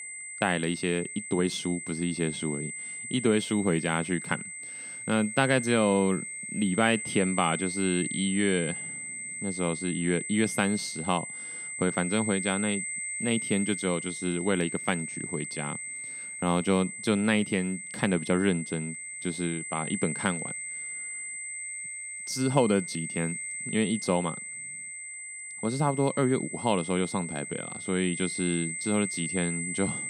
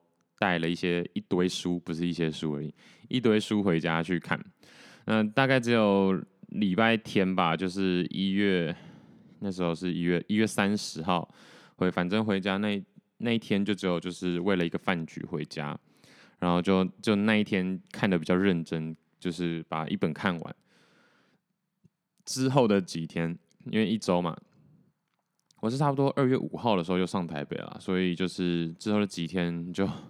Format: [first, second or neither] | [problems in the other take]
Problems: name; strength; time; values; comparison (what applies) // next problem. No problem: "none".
second | high-pitched whine; loud; throughout; 2 kHz, 6 dB below the speech